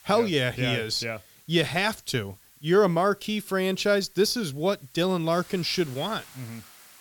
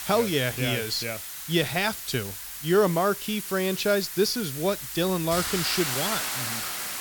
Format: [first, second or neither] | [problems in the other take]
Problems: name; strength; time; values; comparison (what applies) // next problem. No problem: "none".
first | hiss; loud; throughout; 5 dB below the speech; faint in the first